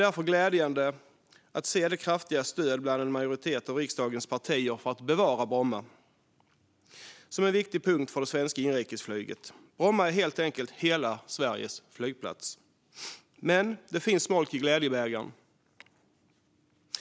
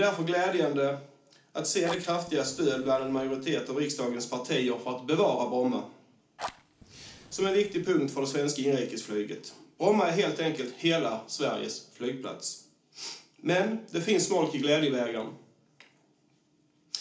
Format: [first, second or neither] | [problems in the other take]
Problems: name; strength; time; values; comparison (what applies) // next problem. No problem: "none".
first | background sound (Fire); 19 dB below the speech // room echo; dies away in 0.4 s